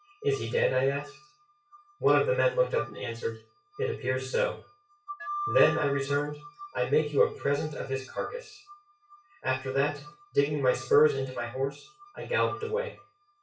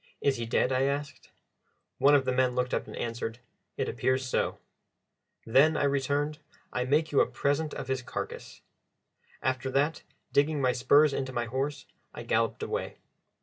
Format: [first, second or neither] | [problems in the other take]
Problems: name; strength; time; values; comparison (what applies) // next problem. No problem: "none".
second | noise reduction (classical method WPE with log-MMSE)